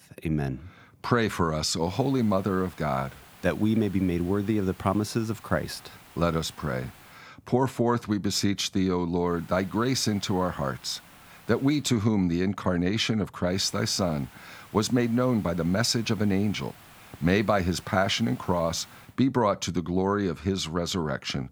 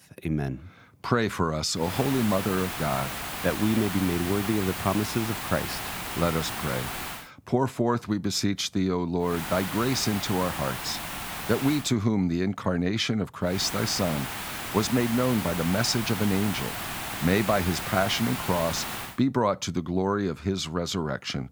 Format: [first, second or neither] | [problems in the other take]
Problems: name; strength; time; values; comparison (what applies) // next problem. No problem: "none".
first | hiss; loud; from 2 to 7 s, from 9.5 to 12 s and from 14 to 19 s; 5 dB below the speech; faint in the first